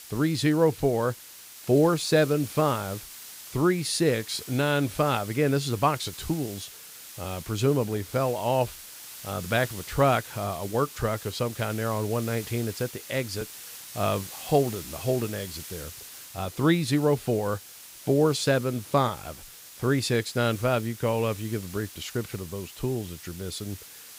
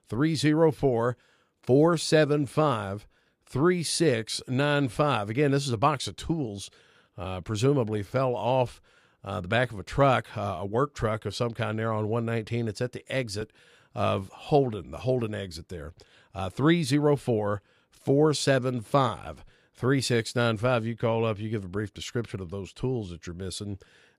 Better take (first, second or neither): second